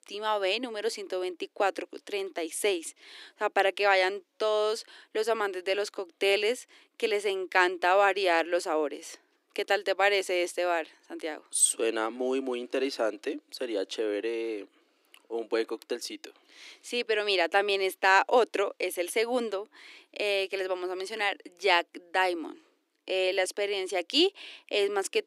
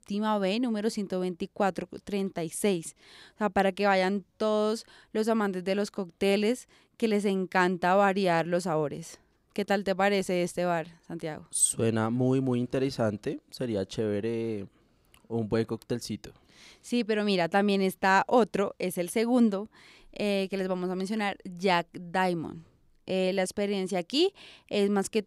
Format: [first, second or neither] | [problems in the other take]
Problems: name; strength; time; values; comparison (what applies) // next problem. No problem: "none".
second | thin; very; fading below 300 Hz